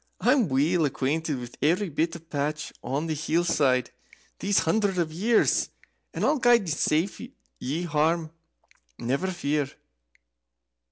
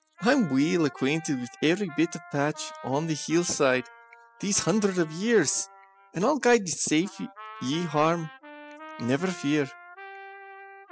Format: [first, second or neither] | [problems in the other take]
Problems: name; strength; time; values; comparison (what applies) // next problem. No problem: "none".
first | noise reduction (classical method spectral subtraction)